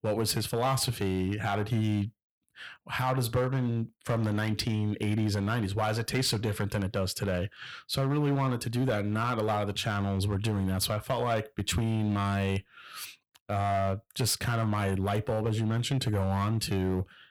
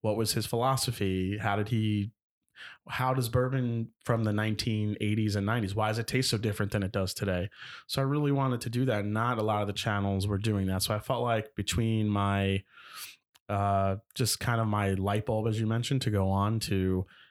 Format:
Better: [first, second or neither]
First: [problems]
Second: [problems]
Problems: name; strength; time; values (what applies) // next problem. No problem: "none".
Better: second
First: distortion; slight; 7% of the sound clipped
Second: none